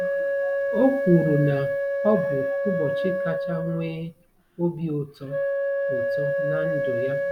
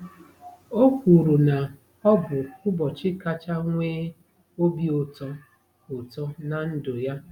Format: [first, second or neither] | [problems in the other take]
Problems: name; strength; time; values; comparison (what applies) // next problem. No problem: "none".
second | background sound (Wind instrument, woodwind instrument); 1 dB above the speech